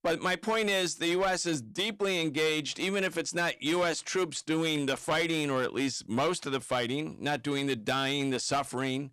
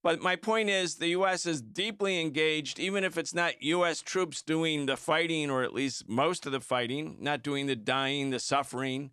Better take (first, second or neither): second